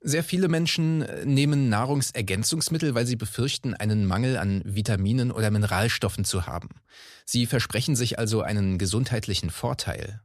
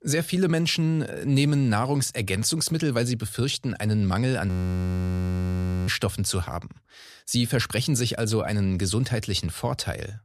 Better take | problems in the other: first | audio freezing; at 4.5 s for 1.5 s

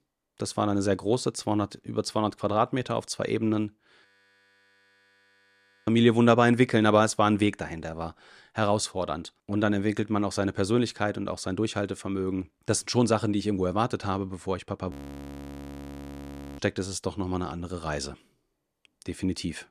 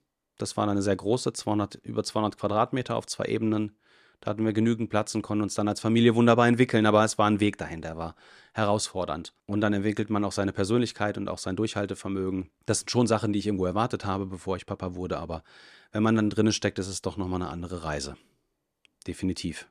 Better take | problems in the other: second | audio freezing; at 4 s for 2 s and at 15 s for 1.5 s

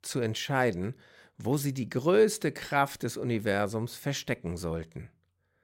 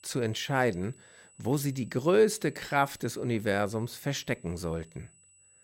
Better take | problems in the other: first | high-pitched whine; faint; throughout; 8 kHz, 25 dB below the speech

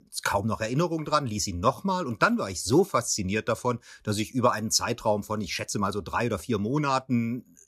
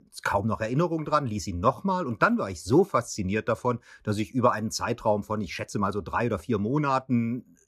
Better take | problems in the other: first | muffled; slightly; fading above 3 kHz

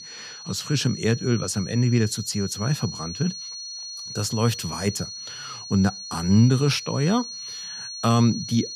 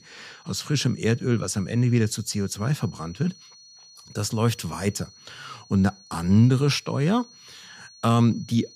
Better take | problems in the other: second | high-pitched whine; loud; throughout; 4.5 kHz, 10 dB below the speech; faint in the second

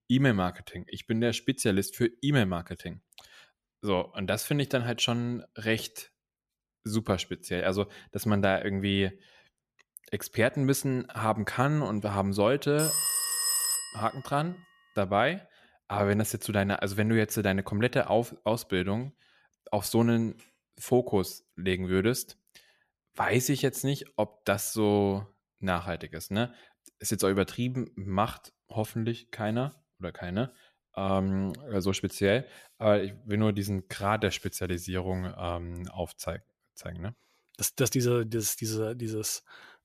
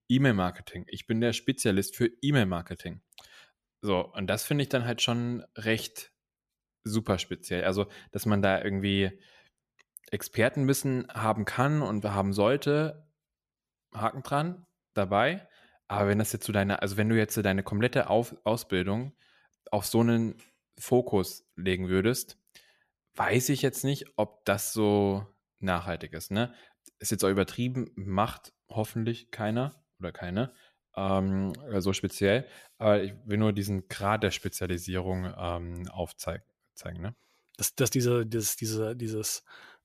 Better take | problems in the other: second | phone ringing; loud; from 13 to 14 s; peak 4 dB above the speech

